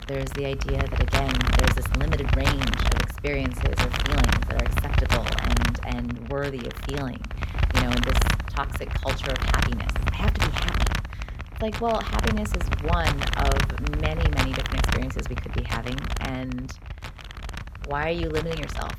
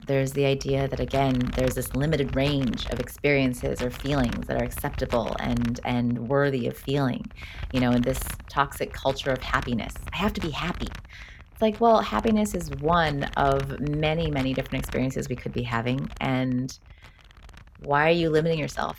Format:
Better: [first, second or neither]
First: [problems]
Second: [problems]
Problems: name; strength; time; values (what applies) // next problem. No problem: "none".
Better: second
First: wind noise on the microphone; heavy; 3 dB above the speech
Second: wind noise on the microphone; occasional gusts; 15 dB below the speech